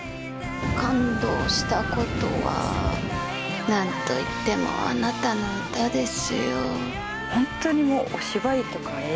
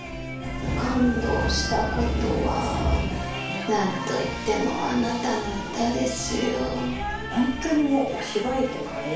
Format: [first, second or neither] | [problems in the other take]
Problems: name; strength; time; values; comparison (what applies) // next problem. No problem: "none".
first | room echo; dies away in 0.4 s